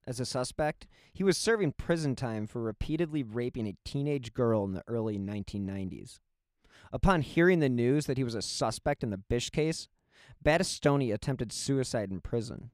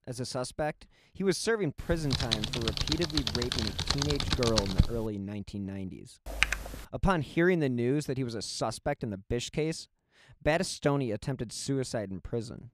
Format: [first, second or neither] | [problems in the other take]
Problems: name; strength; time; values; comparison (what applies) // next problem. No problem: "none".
first | keyboard typing; loud; from 2 to 5 s and at 6.5 s; peak 4 dB above the speech